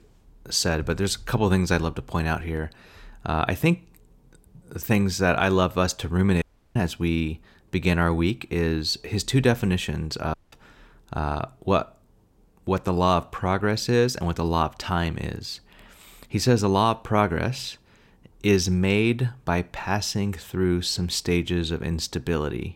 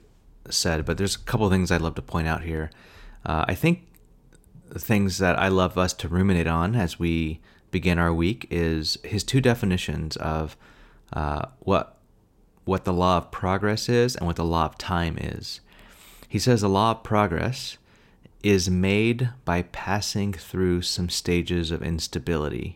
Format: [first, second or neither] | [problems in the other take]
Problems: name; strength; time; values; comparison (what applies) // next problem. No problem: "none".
second | audio cutting out; at 6.5 s and at 10 s